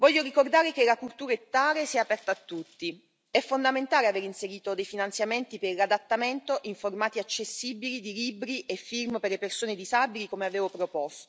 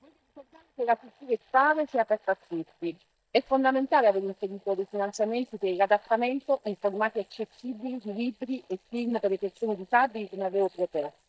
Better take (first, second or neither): first